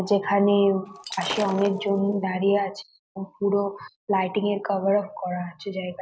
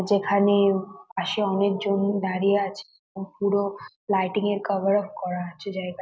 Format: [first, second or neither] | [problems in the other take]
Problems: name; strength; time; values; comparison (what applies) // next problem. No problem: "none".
second | background sound (Shatter); 12 dB below the speech